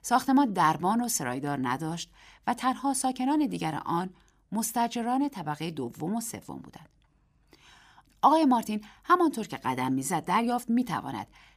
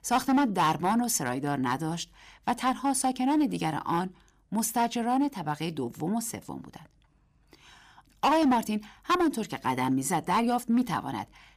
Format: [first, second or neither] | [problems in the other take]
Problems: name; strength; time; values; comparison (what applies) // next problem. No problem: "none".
first | distortion; slight; 4% of the sound clipped